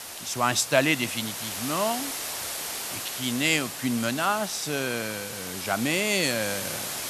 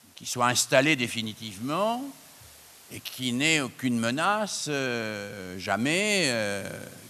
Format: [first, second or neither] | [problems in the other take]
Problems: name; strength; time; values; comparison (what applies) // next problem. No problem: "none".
second | hiss; loud; throughout; 6 dB below the speech; faint in the second